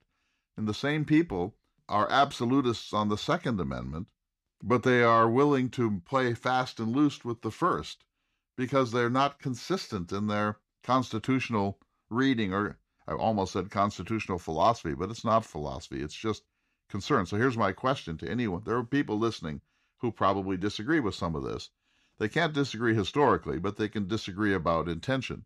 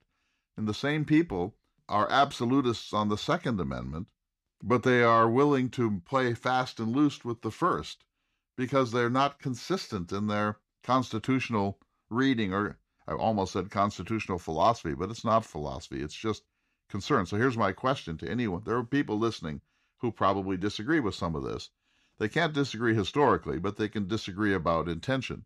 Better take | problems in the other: neither | none

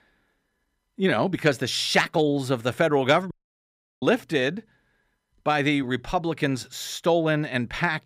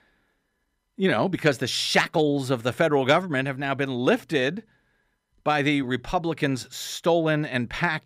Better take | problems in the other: second | audio cutting out; at 3.5 s for 0.5 s

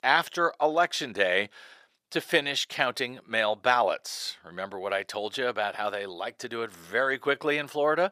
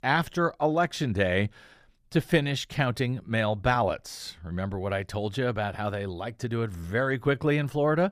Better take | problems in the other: second | thin; very; fading below 500 Hz

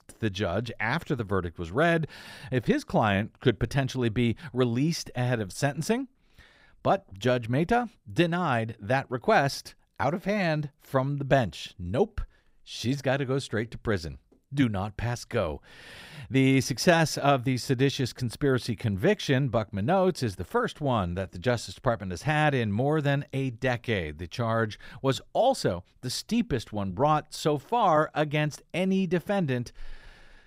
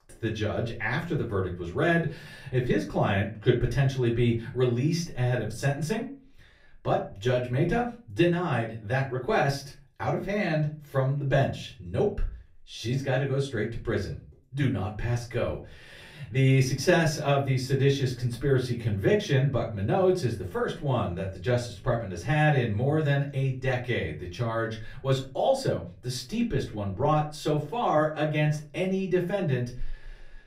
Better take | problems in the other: first | off-mic speech; far // room echo; very slight; dies away in 0.3 s

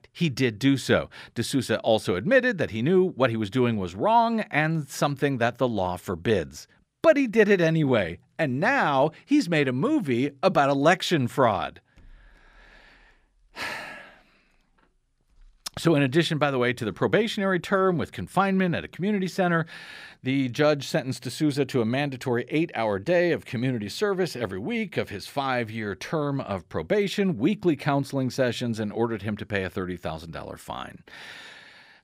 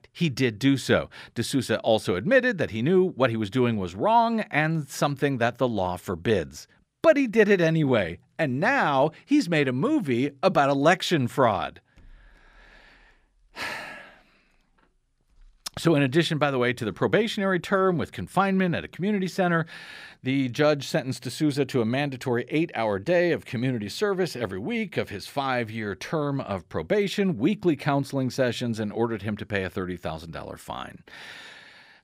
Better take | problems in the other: neither | none

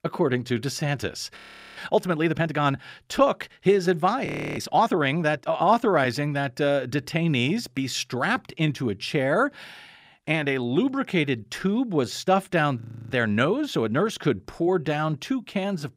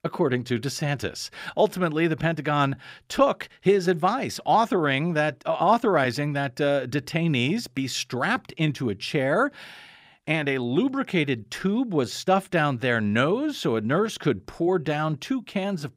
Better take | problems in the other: second | audio freezing; at 1.5 s, at 4.5 s and at 13 s

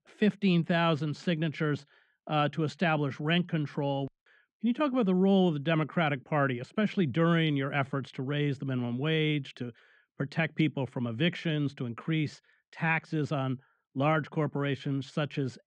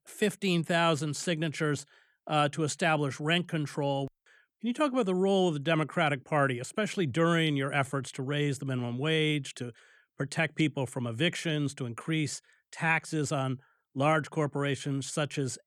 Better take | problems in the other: second | muffled; slightly; fading above 4 kHz

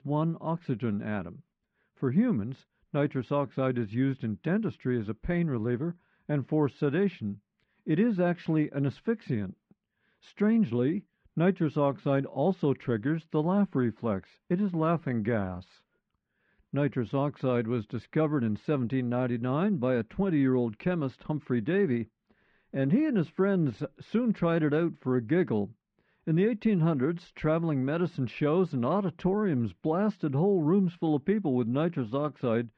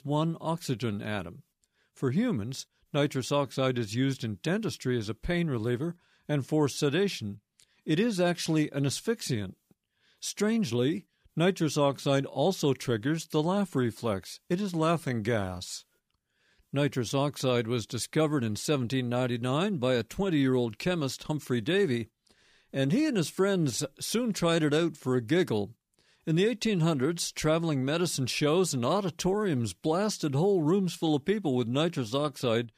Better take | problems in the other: second | muffled; very; fading above 2 kHz

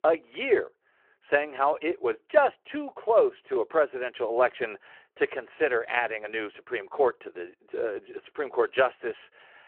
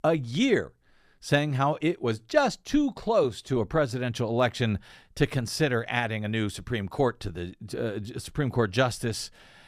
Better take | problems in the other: second | phone-call audio

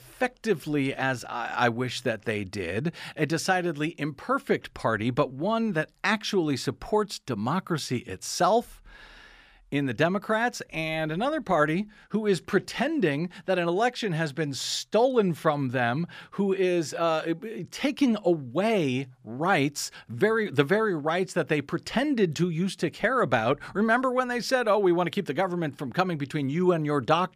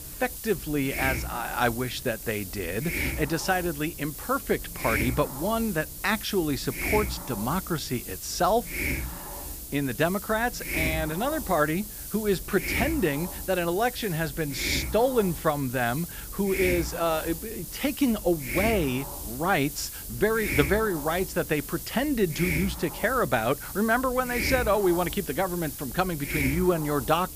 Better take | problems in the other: first | hiss; loud; throughout; 6 dB below the speech

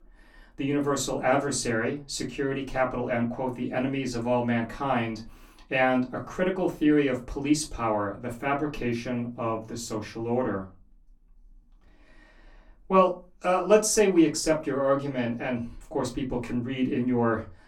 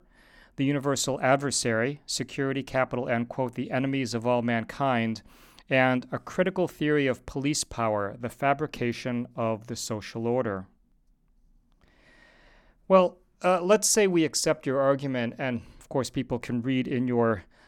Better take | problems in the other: second | off-mic speech; far // room echo; very slight; dies away in 0.2 s

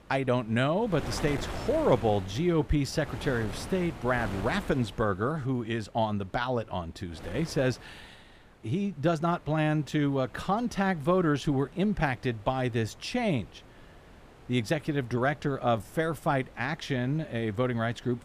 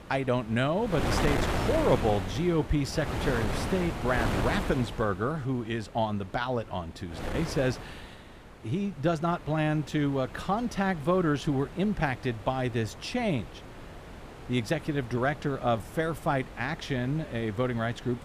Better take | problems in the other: first | wind noise on the microphone; heavy; 7 dB below the speech; occasional gusts in the first

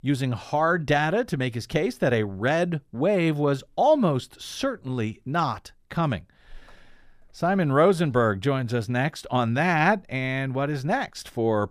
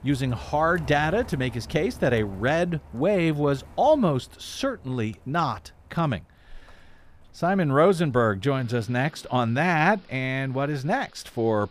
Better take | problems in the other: first | rain or running water; faint; throughout; 20 dB below the speech

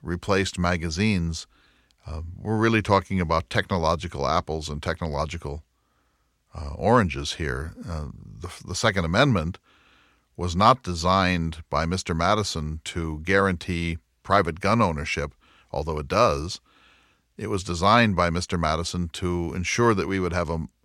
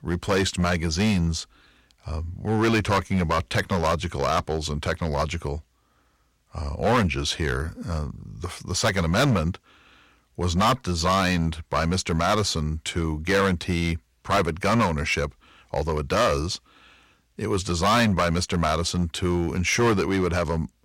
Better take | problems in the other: first | distortion; heavy; 7% of the sound clipped

